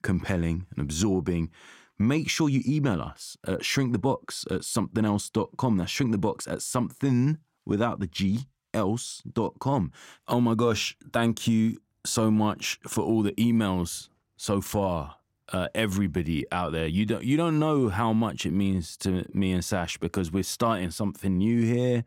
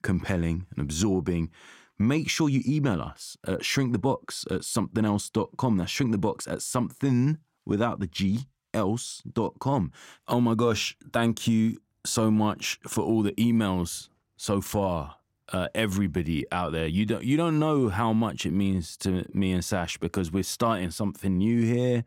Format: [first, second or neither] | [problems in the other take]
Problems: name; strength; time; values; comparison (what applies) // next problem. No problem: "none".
neither | none